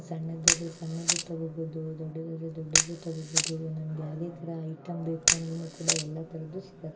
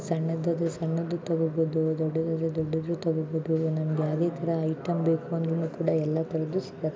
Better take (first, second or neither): second